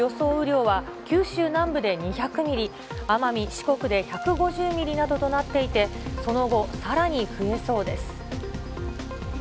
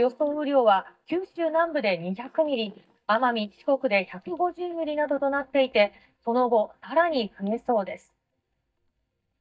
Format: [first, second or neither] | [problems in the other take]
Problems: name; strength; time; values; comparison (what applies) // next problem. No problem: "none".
first | noise reduction (neural mask model DeepFilterNet 3)